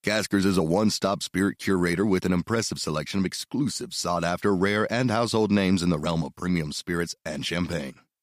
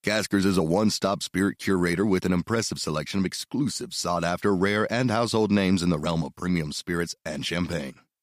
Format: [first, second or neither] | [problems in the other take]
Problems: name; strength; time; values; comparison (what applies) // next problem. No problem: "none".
neither | none